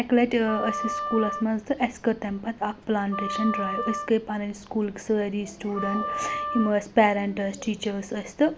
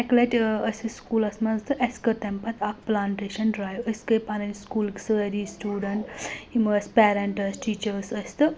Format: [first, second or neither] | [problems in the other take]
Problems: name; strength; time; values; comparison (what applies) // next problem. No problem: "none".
second | background sound (Wind instrument, woodwind instrument); 7 dB below the speech